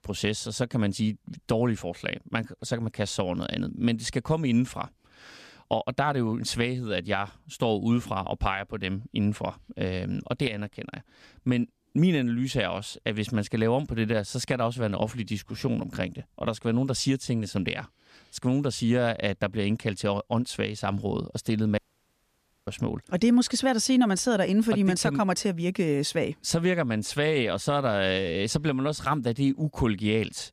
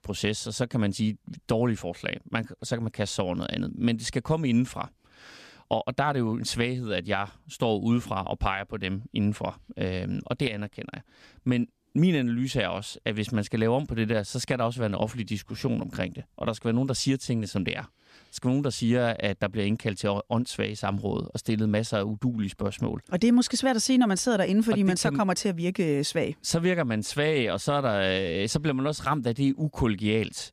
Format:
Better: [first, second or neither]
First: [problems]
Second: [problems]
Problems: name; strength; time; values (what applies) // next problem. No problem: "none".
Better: second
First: audio cutting out; at 22 s for 1 s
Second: none